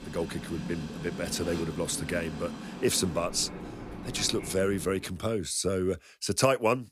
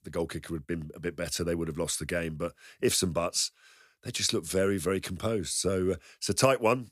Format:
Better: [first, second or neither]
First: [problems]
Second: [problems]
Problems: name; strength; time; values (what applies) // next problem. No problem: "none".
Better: second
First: train or aircraft noise; noticeable; until 5 s; 10 dB below the speech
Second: none